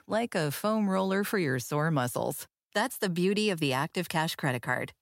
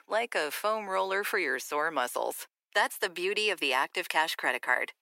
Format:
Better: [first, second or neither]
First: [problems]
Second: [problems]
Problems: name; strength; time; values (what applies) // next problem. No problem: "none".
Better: first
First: none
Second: thin; very; fading below 350 Hz